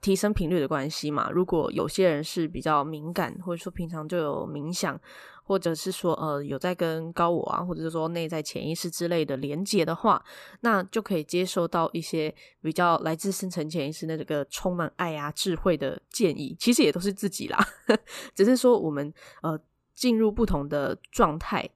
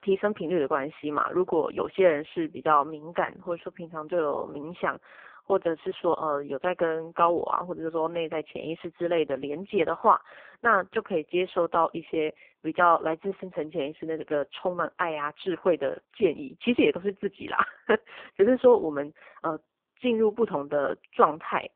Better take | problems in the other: first | phone-call audio; poor line

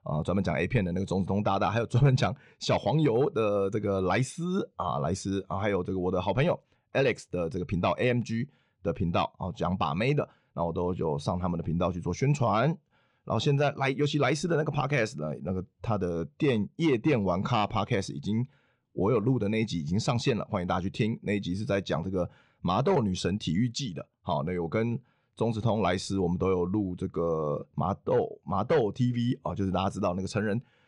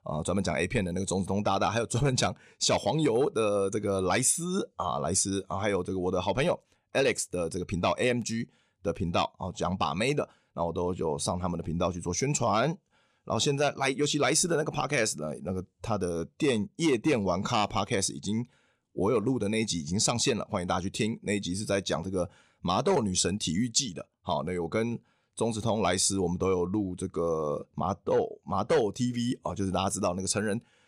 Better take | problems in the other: second | muffled; slightly; fading above 3.5 kHz

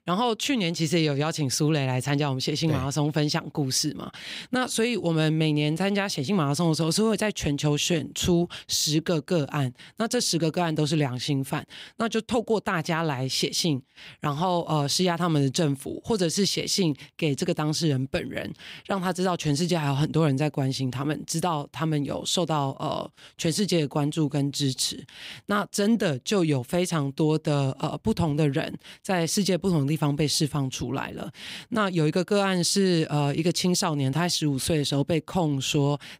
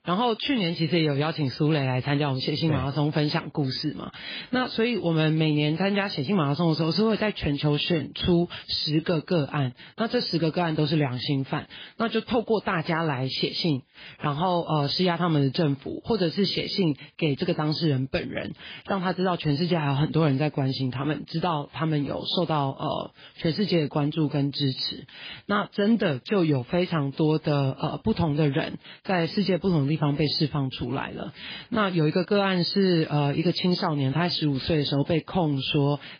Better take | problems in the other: first | garbled, watery; badly; nothing above 5 kHz

